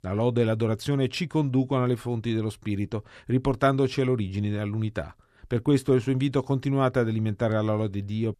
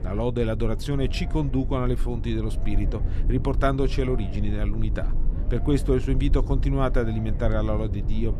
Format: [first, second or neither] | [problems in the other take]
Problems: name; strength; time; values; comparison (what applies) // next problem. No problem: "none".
first | low rumble; noticeable; throughout; 15 dB below the speech